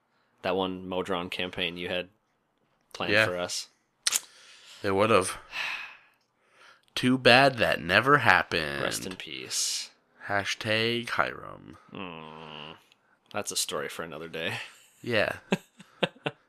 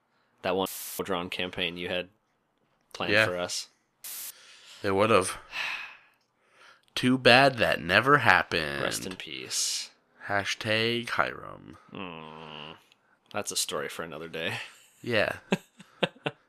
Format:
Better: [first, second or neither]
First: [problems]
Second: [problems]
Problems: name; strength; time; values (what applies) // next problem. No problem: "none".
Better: first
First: none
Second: audio cutting out; filled with static; at 0.5 s and at 4 s